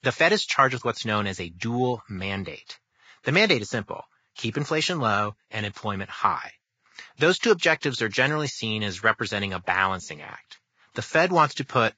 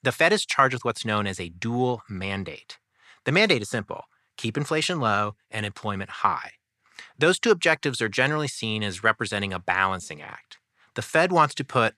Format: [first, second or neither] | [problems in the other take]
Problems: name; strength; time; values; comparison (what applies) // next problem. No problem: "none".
second | garbled, watery; badly; nothing above 7.5 kHz